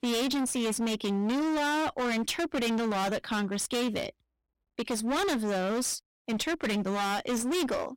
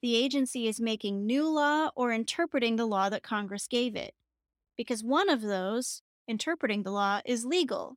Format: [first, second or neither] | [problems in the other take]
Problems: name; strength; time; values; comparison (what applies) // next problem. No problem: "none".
second | distortion; heavy; 37% of the sound clipped